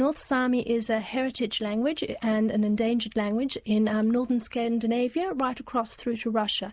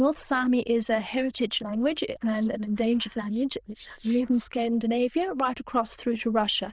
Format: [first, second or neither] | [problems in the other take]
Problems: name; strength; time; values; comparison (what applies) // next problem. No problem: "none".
first | noise reduction (neural diffusion model UNIVERSE++)